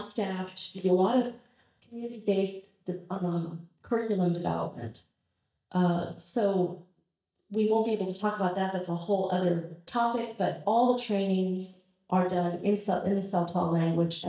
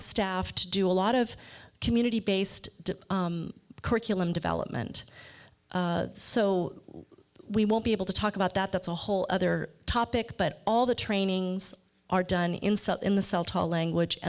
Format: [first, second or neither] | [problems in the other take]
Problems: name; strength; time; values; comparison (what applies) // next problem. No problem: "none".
second | noise reduction (neural mask model DeepFilterNet 3)